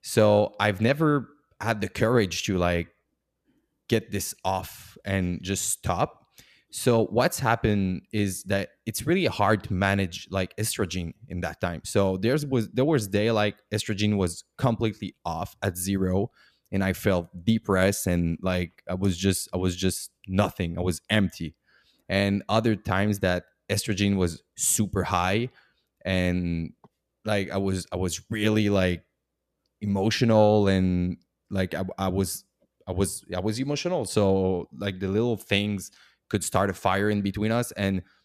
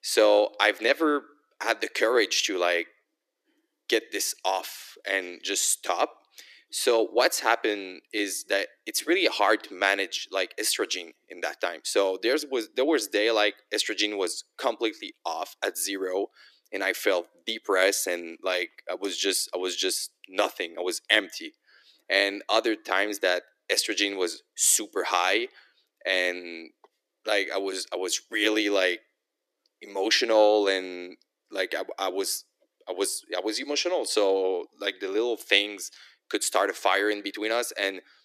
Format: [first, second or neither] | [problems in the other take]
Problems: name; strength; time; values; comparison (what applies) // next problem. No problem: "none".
first | thin; very; fading below 300 Hz